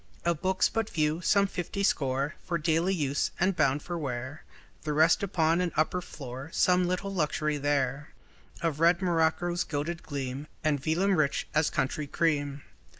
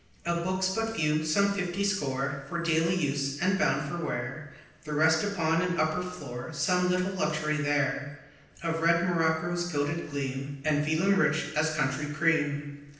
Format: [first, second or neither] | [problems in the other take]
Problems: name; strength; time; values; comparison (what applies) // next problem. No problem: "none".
first | room echo; dies away in 0.9 s